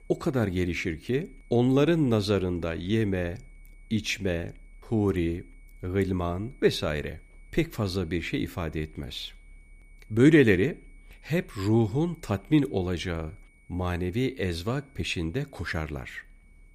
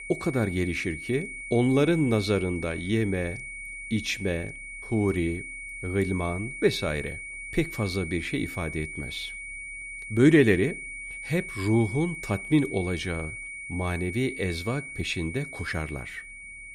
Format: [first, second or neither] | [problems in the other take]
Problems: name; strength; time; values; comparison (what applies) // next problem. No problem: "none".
first | high-pitched whine; loud; throughout; 2 kHz, 9 dB below the speech; faint in the first